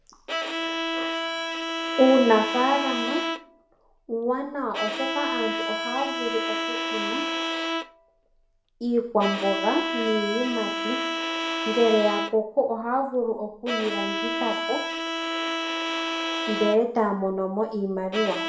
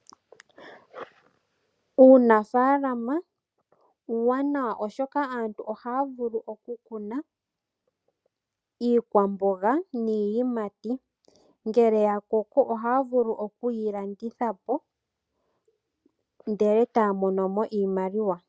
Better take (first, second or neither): second